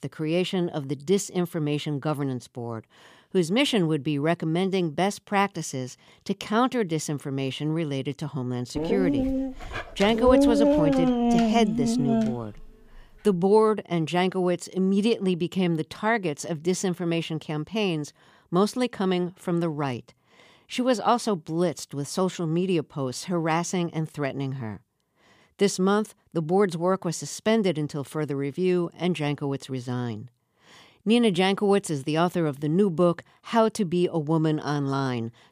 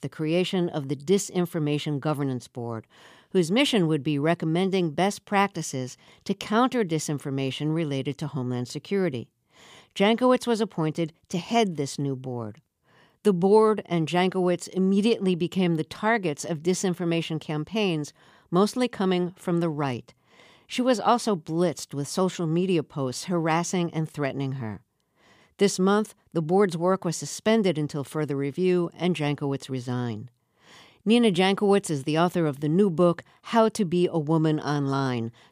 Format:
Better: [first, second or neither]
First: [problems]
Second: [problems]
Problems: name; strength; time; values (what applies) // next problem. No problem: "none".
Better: second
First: dog barking; loud; from 9 to 12 s; peak 6 dB above the speech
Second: none